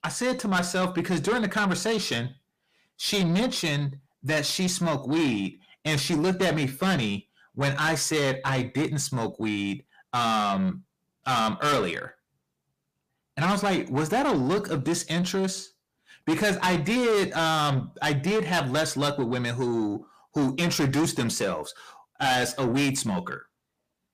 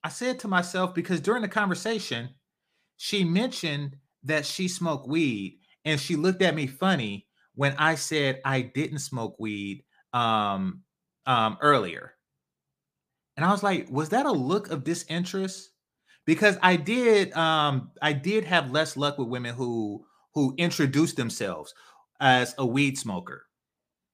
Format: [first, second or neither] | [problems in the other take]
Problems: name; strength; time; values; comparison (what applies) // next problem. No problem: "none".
second | distortion; heavy; 6 dB below the speech